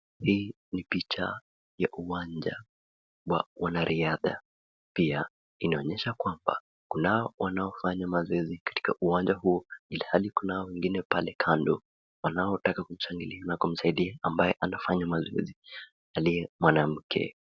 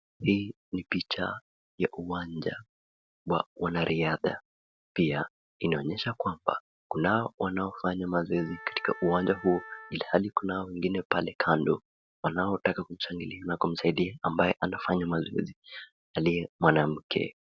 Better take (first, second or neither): first